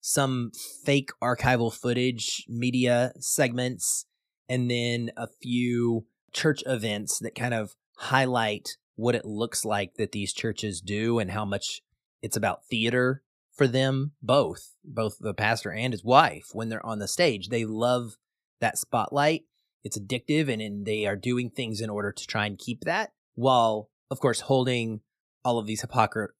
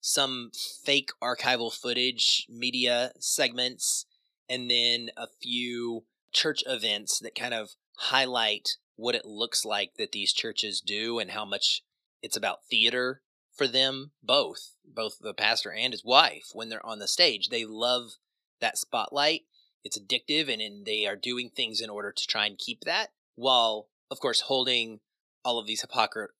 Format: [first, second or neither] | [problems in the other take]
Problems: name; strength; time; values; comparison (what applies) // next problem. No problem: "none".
first | thin; somewhat; fading below 350 Hz